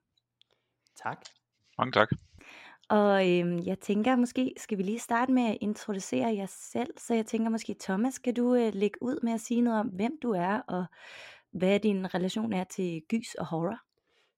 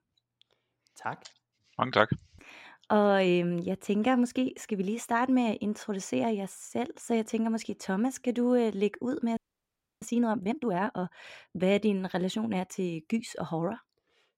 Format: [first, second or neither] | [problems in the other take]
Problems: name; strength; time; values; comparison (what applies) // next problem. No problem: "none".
first | audio freezing; at 9.5 s for 0.5 s